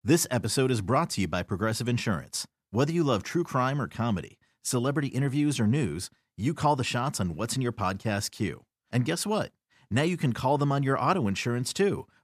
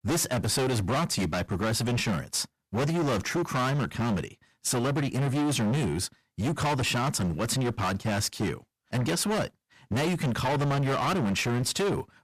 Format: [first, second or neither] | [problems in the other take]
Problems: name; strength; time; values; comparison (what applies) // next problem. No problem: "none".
first | distortion; heavy; 29% of the sound clipped